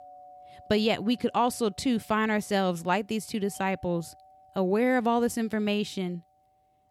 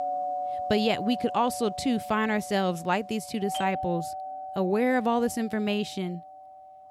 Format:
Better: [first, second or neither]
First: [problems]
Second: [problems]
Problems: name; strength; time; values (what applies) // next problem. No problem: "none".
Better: first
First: alarms or sirens; faint; throughout; 25 dB below the speech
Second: alarms or sirens; loud; throughout; 8 dB below the speech